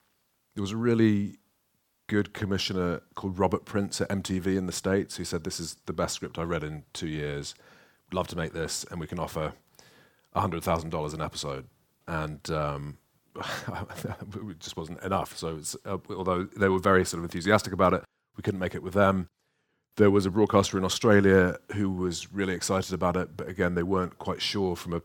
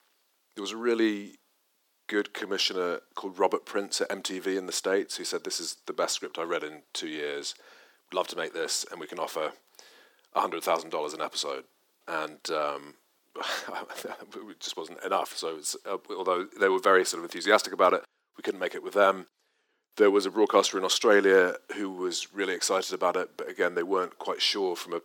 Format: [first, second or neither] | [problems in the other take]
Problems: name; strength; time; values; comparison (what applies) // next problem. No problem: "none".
first | thin; somewhat; fading below 300 Hz